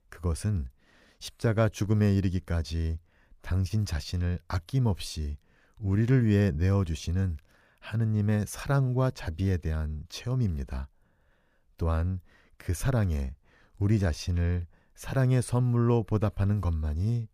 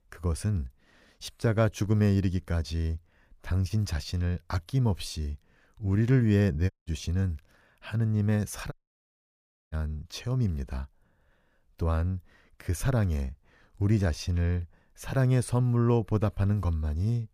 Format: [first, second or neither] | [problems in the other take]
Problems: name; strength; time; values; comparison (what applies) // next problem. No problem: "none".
first | audio cutting out; at 6.5 s and at 8.5 s for 1 s